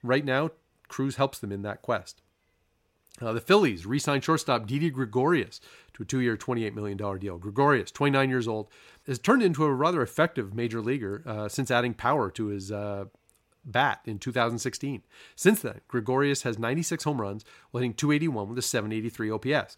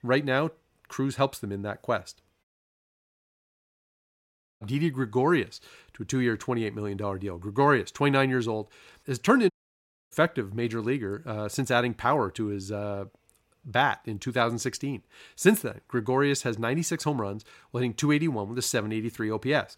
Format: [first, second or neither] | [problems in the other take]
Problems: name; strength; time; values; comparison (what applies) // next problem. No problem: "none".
first | audio cutting out; at 2.5 s for 2 s and at 9.5 s for 0.5 s